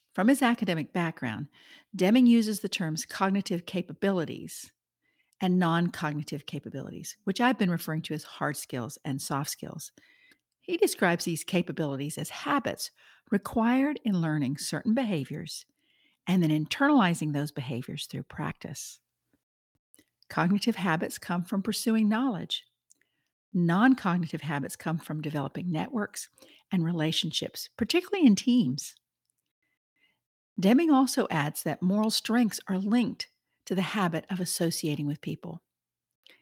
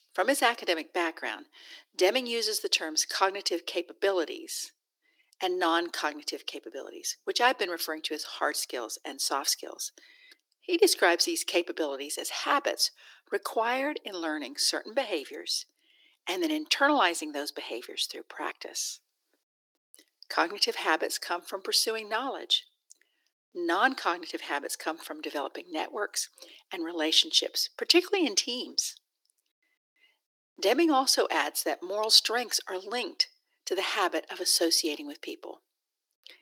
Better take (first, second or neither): first